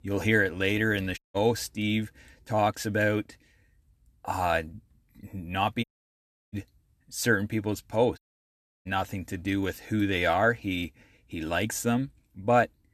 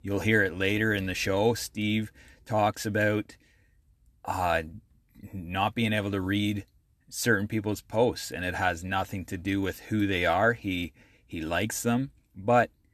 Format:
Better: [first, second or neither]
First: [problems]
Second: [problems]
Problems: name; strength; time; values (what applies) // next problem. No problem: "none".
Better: second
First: audio cutting out; at 1 s, at 6 s for 0.5 s and at 8 s for 0.5 s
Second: none